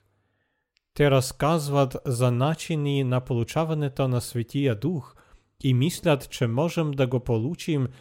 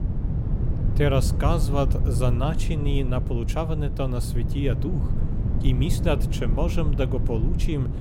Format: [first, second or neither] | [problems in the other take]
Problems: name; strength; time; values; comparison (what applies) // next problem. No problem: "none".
first | low rumble; loud; throughout; 8 dB below the speech